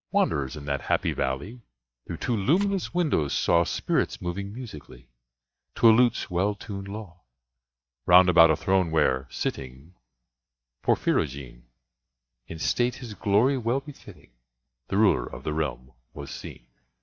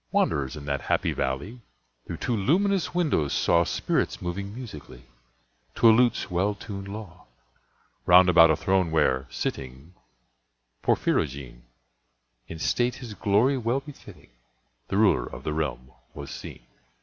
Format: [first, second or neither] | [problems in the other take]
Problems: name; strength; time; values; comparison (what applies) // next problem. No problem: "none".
second | noise reduction (neural mask model DeepFilterNet 3)